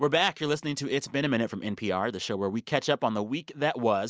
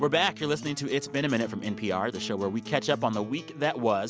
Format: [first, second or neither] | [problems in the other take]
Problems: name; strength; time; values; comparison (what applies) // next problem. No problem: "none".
first | background sound (Acoustic guitar); 14 dB below the speech